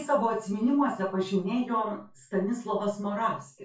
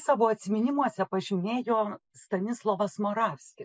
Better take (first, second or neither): second